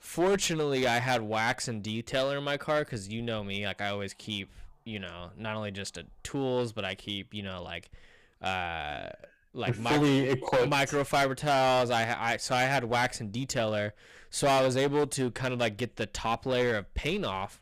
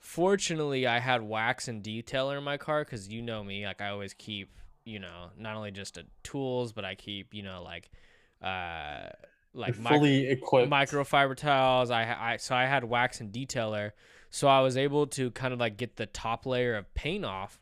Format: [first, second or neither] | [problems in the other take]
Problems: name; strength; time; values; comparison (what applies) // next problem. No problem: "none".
second | distortion; heavy; 9% of the sound clipped